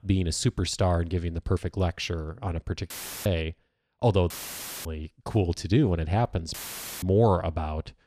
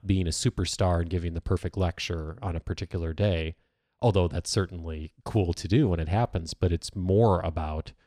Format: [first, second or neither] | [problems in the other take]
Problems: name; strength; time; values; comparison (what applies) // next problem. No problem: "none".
second | audio cutting out; filled with static; at 3 s, at 4.5 s for 0.5 s and at 6.5 s